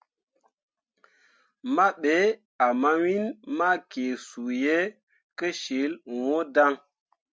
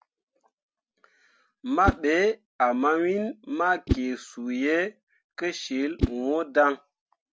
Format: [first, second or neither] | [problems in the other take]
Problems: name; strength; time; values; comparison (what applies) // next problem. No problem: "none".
first | background sound (Whoosh, swoosh, swish); 8 dB below the speech